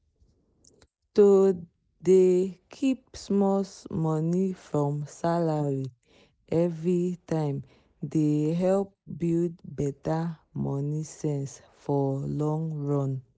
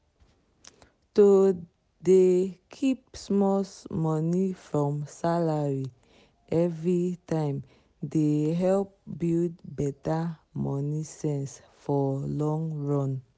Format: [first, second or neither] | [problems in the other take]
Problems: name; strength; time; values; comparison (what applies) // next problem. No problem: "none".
second | noise reduction (neural mask model Resemble Enhance denoiser)